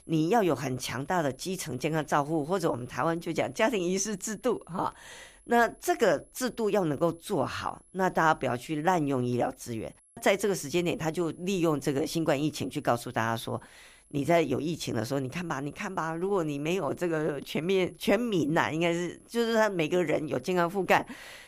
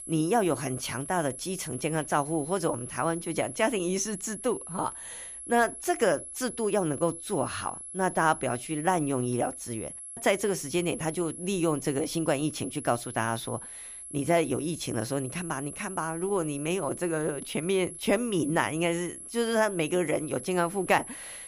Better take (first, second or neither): first